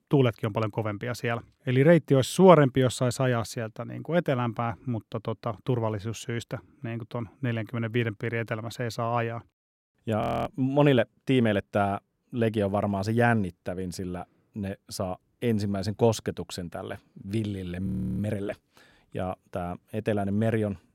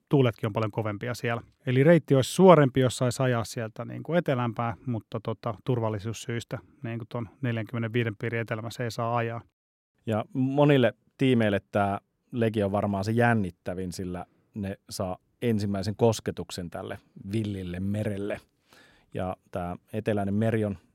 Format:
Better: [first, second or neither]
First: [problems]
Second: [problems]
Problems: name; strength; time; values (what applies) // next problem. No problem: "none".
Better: second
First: audio freezing; at 10 s and at 18 s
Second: none